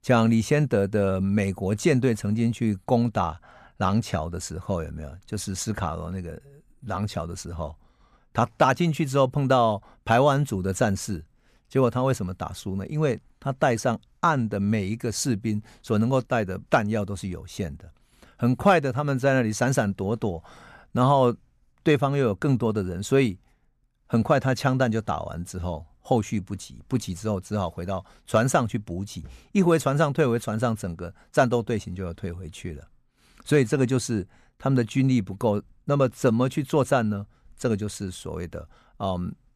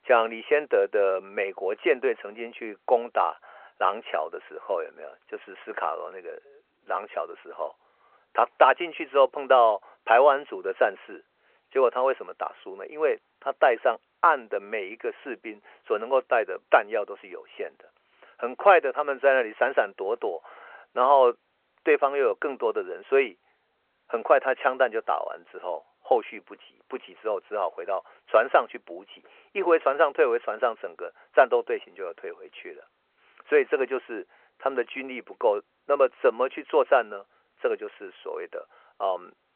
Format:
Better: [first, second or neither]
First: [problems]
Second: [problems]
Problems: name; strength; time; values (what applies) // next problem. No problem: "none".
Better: first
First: none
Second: phone-call audio